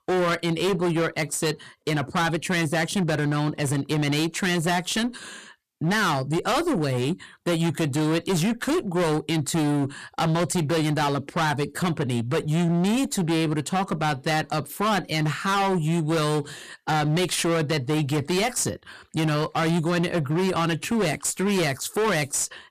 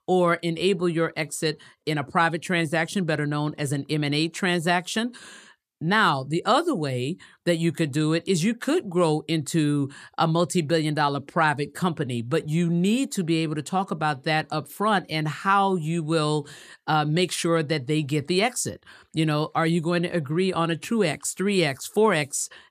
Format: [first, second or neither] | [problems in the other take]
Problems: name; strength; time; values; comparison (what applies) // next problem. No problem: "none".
second | distortion; heavy; 28% of the sound clipped